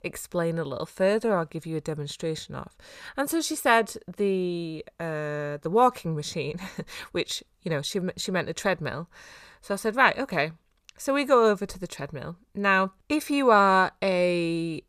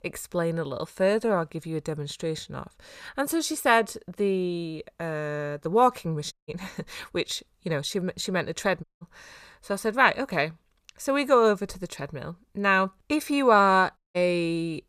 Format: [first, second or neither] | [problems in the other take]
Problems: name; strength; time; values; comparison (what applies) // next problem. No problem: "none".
first | audio cutting out; at 6.5 s, at 9 s and at 14 s